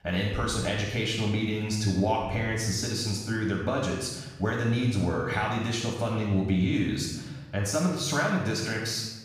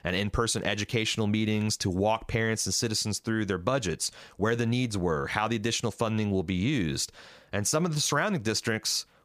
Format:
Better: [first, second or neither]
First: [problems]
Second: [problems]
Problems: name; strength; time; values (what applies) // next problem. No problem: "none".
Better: second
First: off-mic speech; far // room echo; noticeable; dies away in 1 s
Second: none